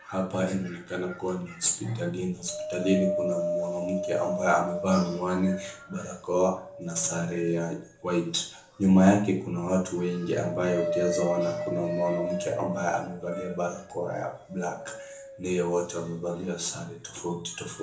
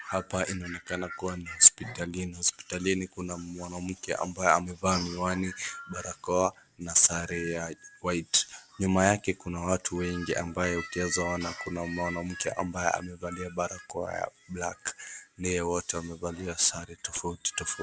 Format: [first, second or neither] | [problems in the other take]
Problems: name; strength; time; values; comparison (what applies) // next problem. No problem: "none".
second | background sound (Wind); 7 dB below the speech // room echo; dies away in 0.9 s